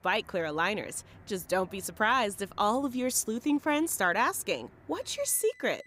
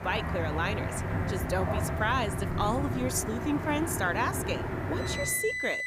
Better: first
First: traffic noise; faint; throughout; 25 dB below the speech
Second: traffic noise; loud; throughout; 1 dB below the speech

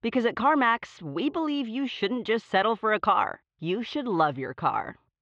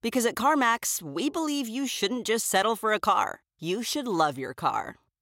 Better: second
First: muffled; very; fading above 3 kHz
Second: none

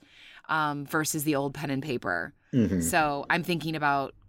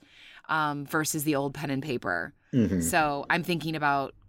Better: neither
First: none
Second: none

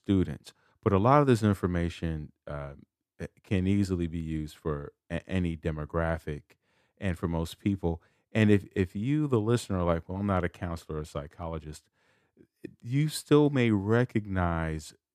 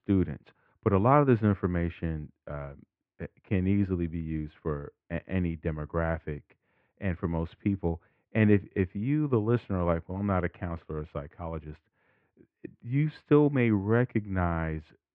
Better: first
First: none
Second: muffled; very; fading above 2.5 kHz

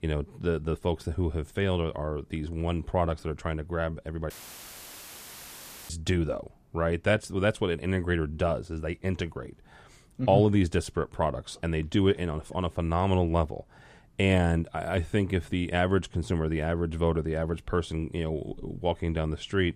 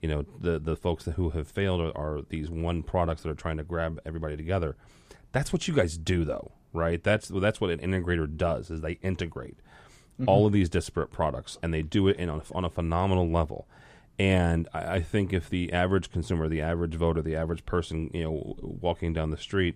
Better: second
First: audio cutting out; filled with static; at 4.5 s for 1.5 s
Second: none

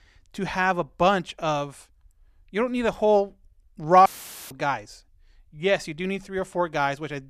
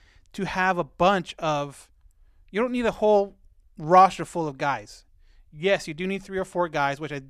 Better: second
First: audio cutting out; filled with static; at 4 s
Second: none

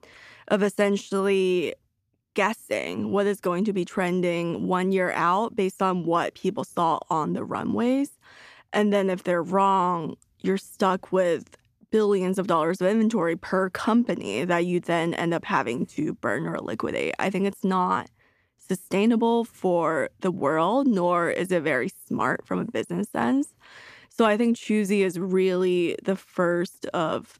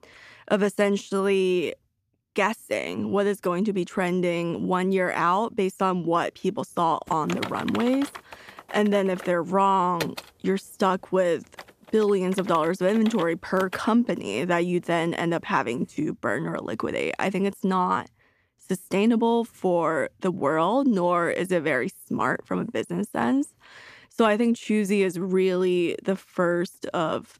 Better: first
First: none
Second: keyboard typing; noticeable; from 7 to 14 s; peak 8 dB below the speech

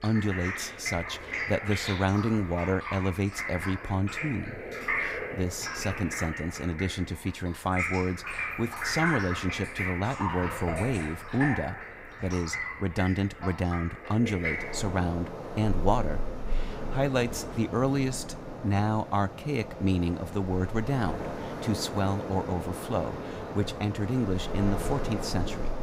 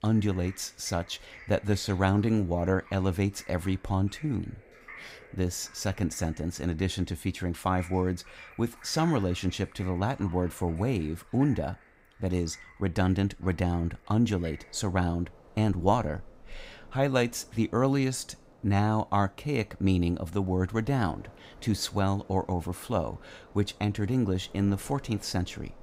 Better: second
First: rain or running water; loud; throughout; 5 dB below the speech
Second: rain or running water; faint; throughout; 25 dB below the speech

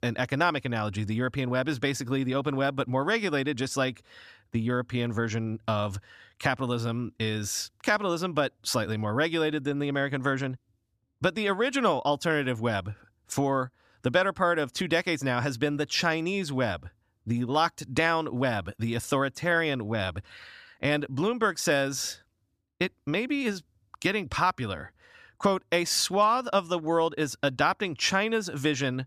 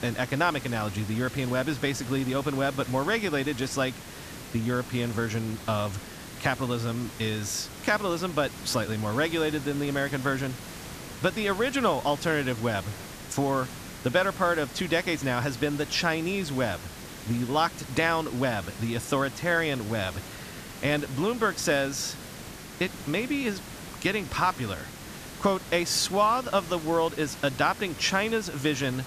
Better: first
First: none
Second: hiss; noticeable; throughout; 10 dB below the speech

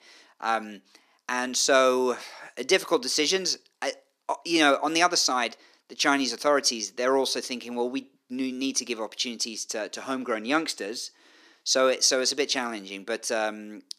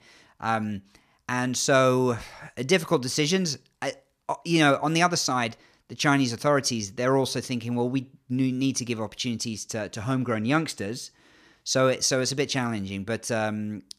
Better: second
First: thin; very slightly; fading below 300 Hz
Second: none

